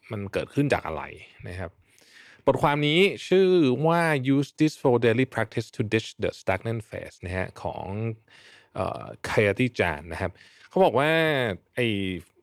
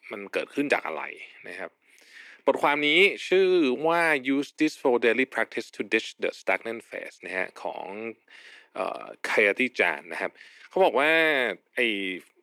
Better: first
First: none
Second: thin; very slightly; fading below 250 Hz

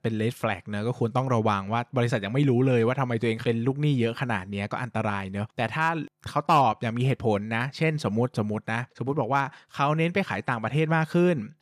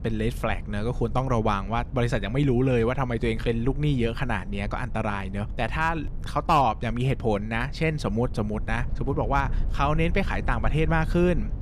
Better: first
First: none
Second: low rumble; faint; throughout; 20 dB below the speech

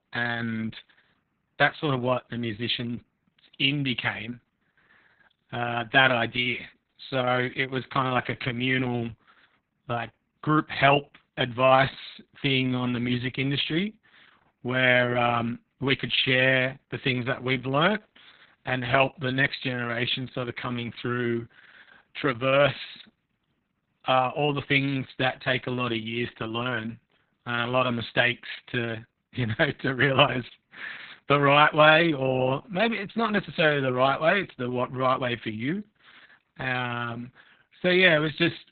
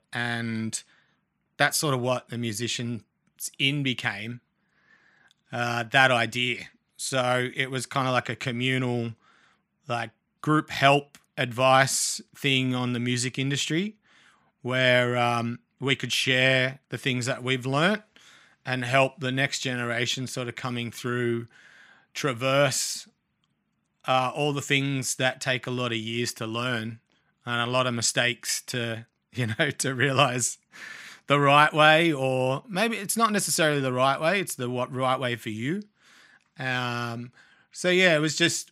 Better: second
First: garbled, watery; badly; nothing above 4 kHz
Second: none

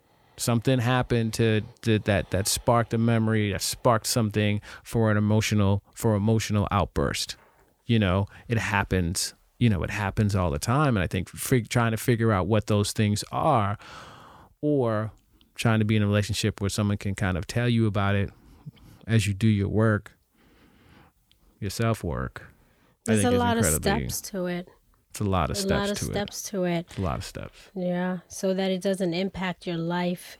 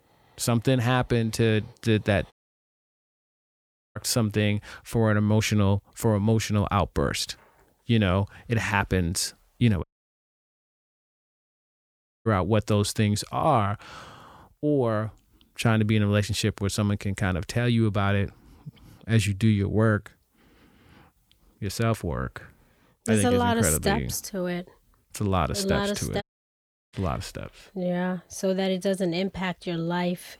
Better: first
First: none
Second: audio cutting out; at 2.5 s for 1.5 s, at 10 s for 2.5 s and at 26 s for 0.5 s

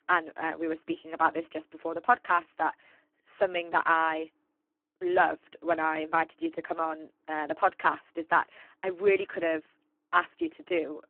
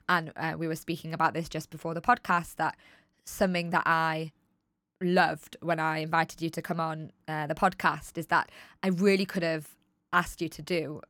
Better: second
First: phone-call audio; poor line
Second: none

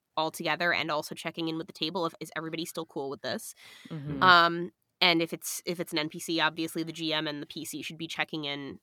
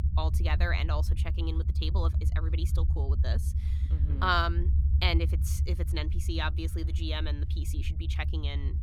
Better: first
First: none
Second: low rumble; noticeable; throughout; 15 dB below the speech

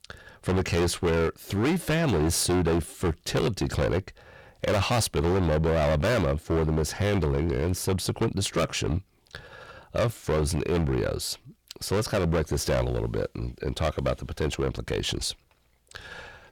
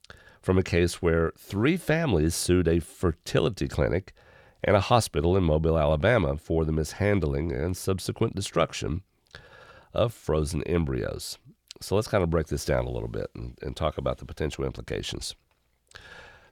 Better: second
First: distortion; heavy; 15% of the sound clipped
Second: none

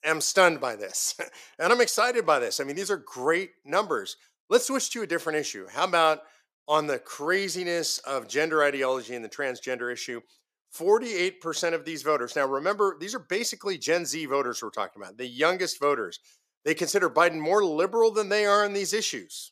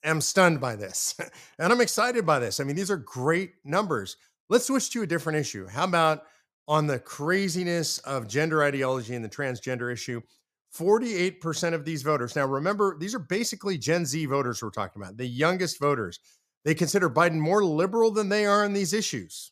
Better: second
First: thin; somewhat; fading below 400 Hz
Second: none

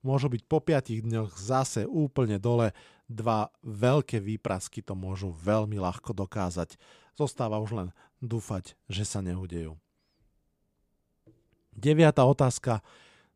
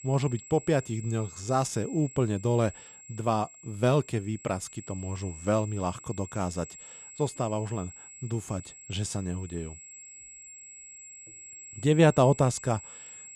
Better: first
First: none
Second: high-pitched whine; noticeable; throughout; 7.5 kHz, 15 dB below the speech

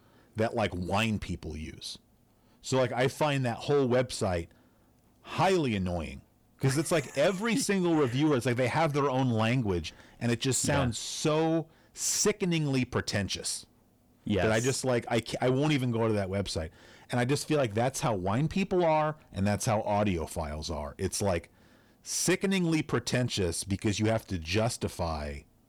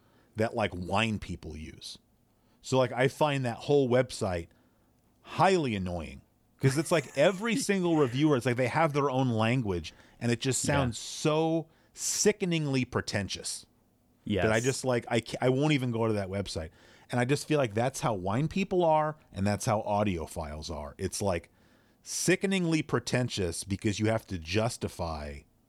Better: second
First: distortion; slight; 10 dB below the speech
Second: none

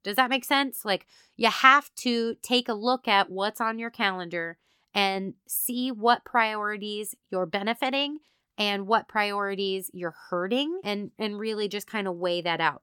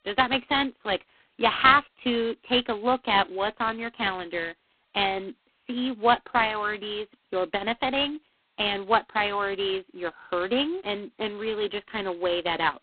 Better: first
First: none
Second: phone-call audio; poor line

